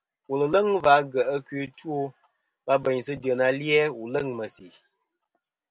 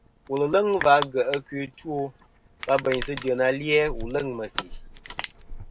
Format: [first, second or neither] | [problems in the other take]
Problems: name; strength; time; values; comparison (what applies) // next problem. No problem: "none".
first | background sound (Crushing); 11 dB below the speech